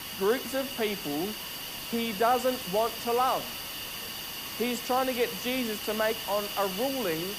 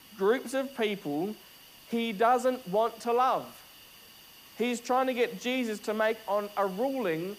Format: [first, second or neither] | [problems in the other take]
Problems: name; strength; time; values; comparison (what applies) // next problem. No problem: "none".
second | hiss; loud; throughout; 5 dB below the speech; faint in the second